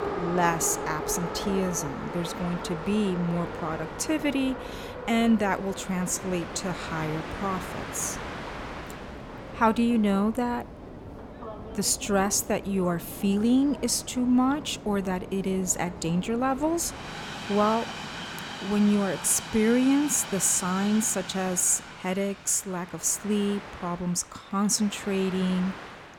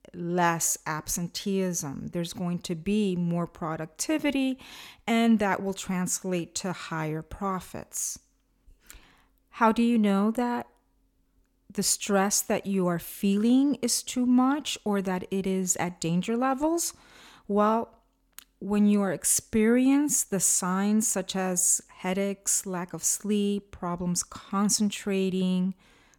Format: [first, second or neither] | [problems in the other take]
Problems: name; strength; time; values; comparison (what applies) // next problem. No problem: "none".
second | train or aircraft noise; noticeable; throughout; 10 dB below the speech